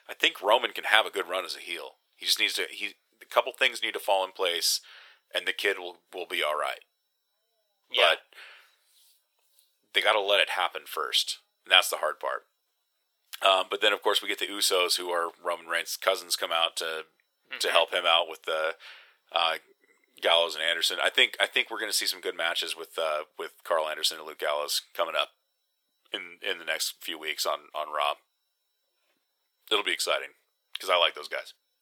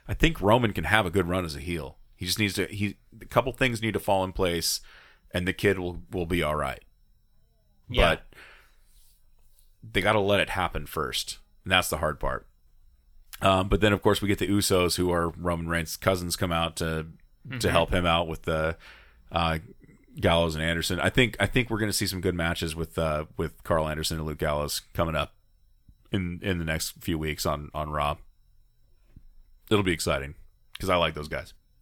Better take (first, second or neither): second